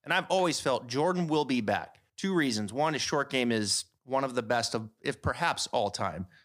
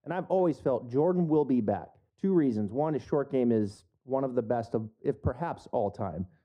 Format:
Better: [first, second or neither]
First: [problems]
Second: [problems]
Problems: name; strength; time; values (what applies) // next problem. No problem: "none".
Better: first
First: none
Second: muffled; very; fading above 1.5 kHz